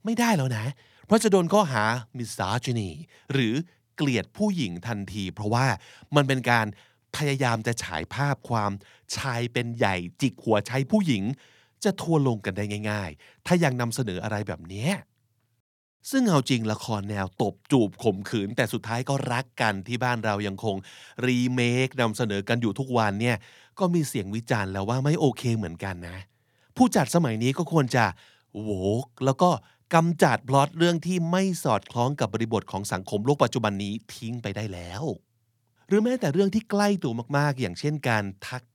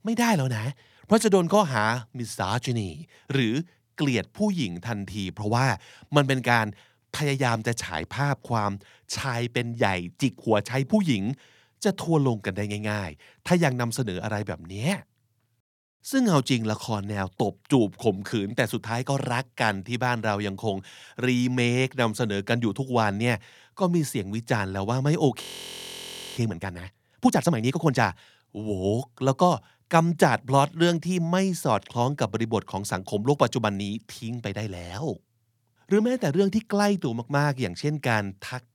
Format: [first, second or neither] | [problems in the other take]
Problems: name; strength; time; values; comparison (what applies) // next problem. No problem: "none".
first | audio freezing; at 25 s for 1 s